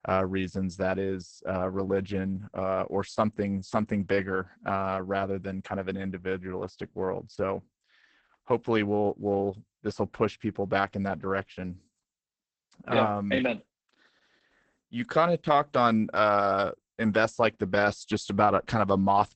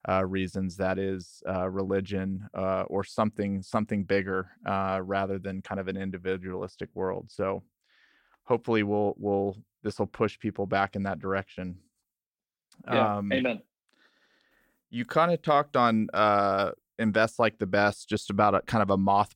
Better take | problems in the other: second | garbled, watery; badly; nothing above 8 kHz

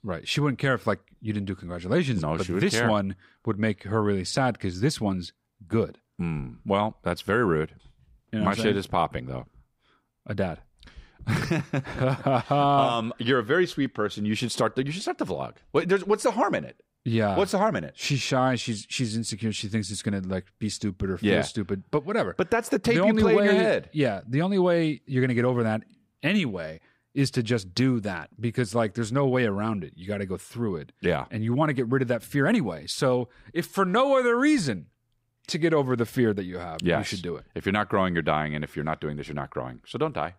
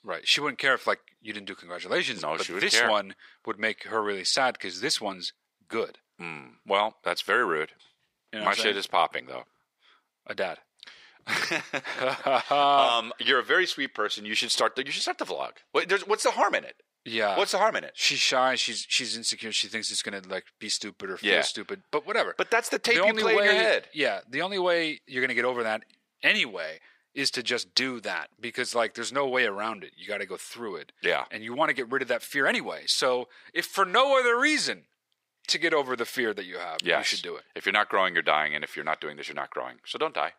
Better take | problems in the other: first | thin; very; fading below 500 Hz

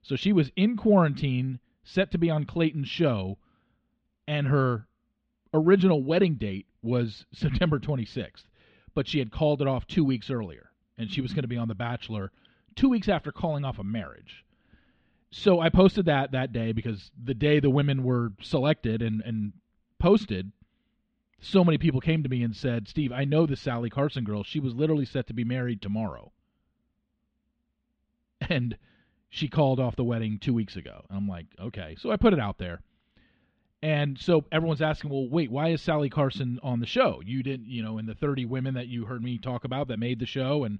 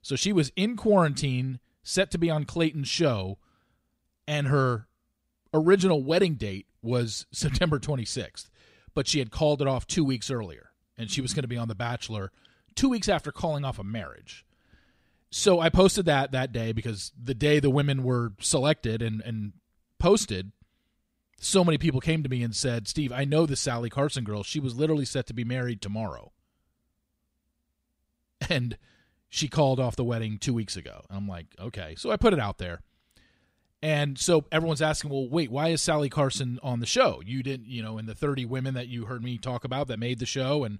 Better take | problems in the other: second | muffled; slightly; fading above 3 kHz

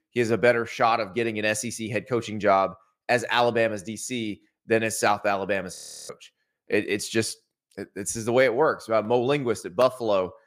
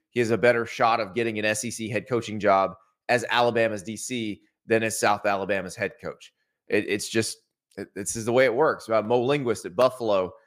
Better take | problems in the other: second | audio freezing; at 6 s

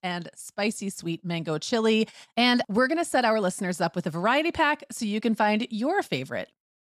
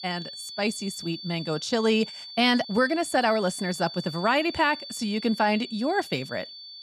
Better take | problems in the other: first | high-pitched whine; noticeable; throughout; 4.5 kHz, 10 dB below the speech

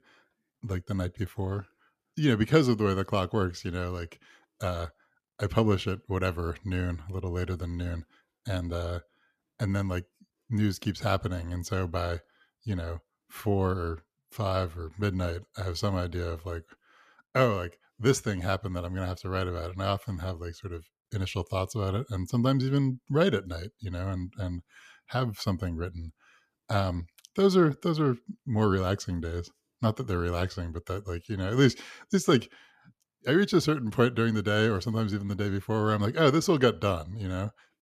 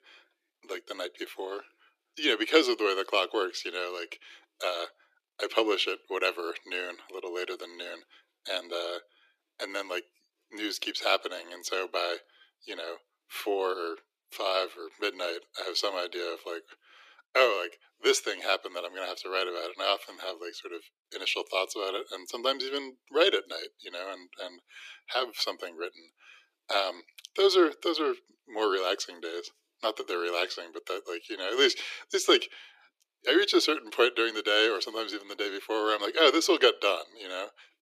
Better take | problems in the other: first | thin; very; fading below 350 Hz

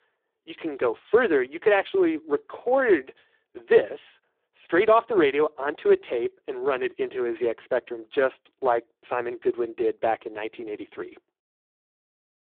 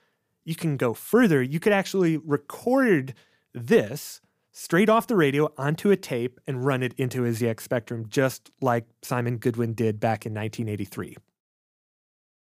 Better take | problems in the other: second | phone-call audio; poor line

